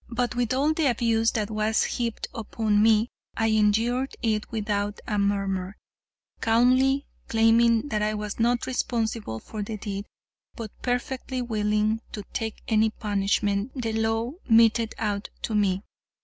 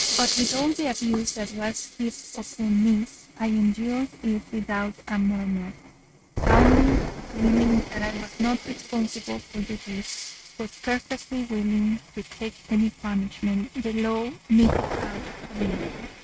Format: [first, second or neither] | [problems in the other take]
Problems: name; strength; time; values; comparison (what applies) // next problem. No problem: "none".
first | noise reduction (neural mask model RNNoise)